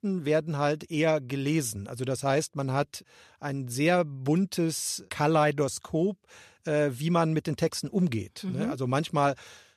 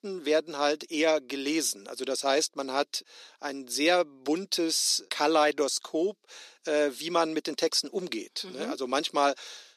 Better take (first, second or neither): first